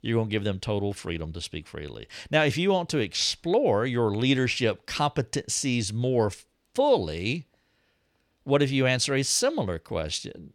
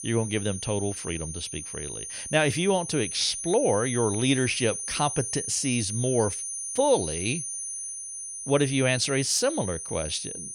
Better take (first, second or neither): first